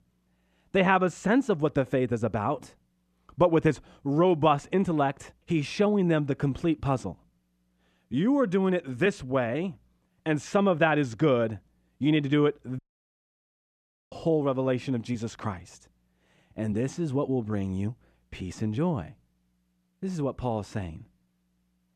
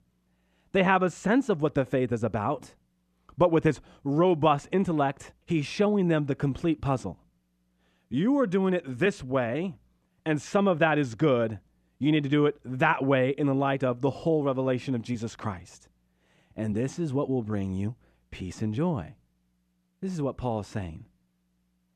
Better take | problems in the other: second | audio cutting out; at 13 s for 1.5 s

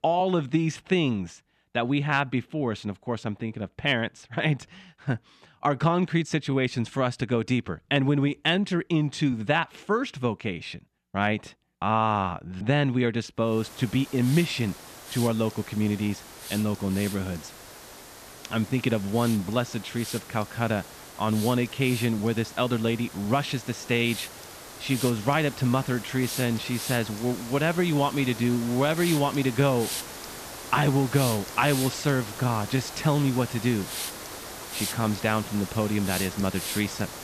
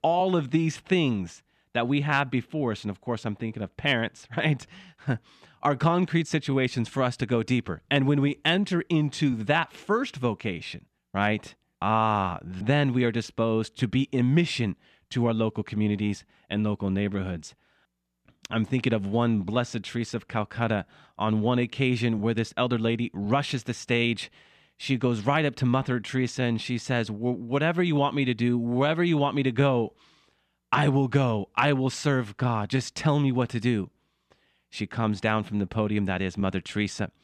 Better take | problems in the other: second | hiss; noticeable; from 14 s on; 10 dB below the speech

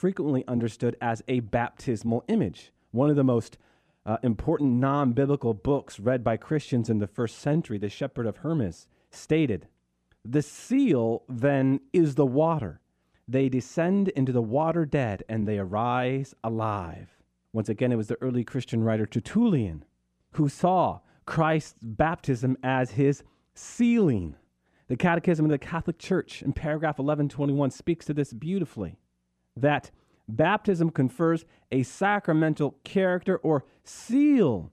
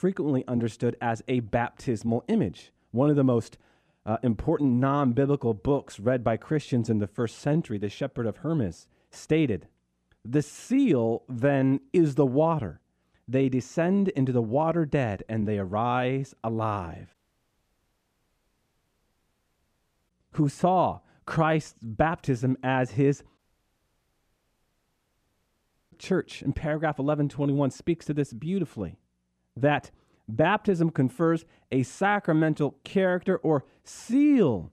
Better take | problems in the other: first | audio cutting out; at 17 s for 3 s and at 23 s for 2.5 s

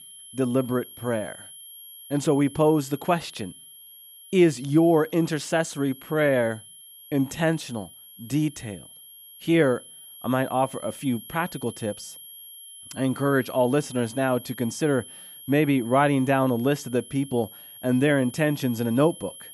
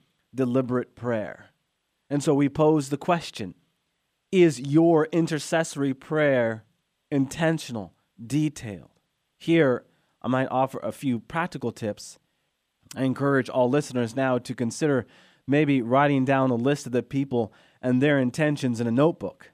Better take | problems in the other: second | high-pitched whine; noticeable; throughout; 11.5 kHz, 20 dB below the speech

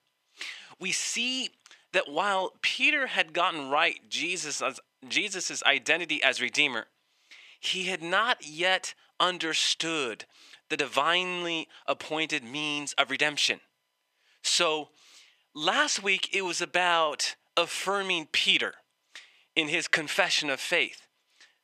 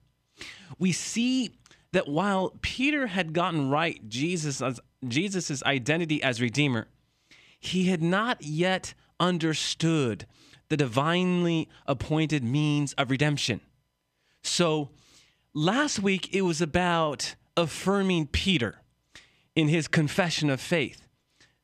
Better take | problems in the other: second | thin; very; fading below 550 Hz

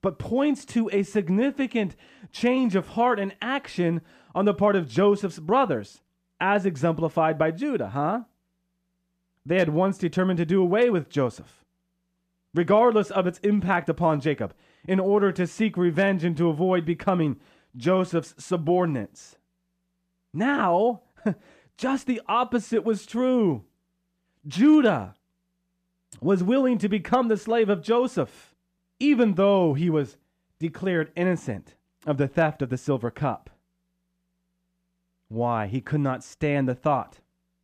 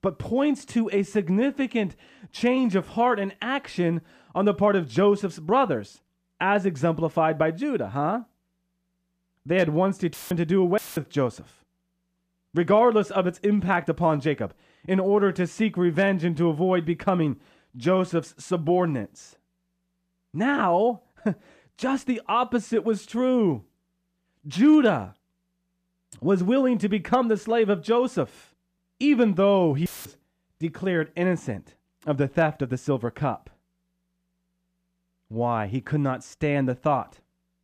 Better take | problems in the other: first | audio cutting out; filled with static; at 10 s, at 11 s and at 30 s

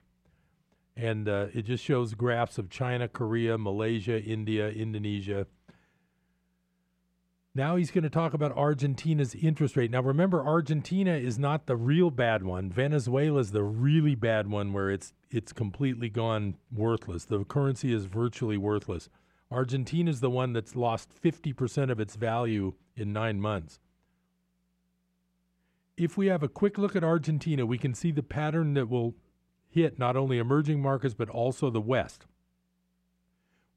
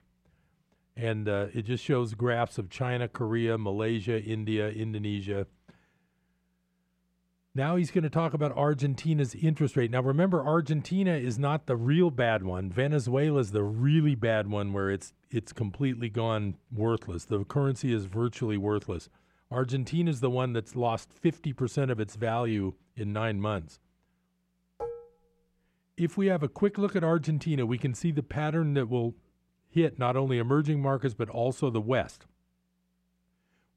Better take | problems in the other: first | clattering dishes; faint; at 25 s; peak 10 dB below the speech

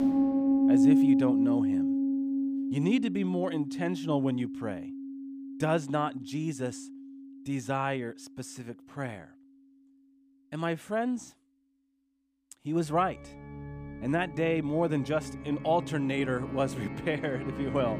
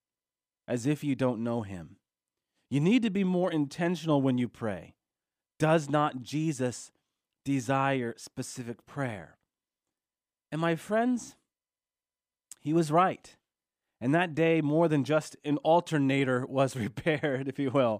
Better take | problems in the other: second | background music; very loud; throughout; 1 dB above the speech

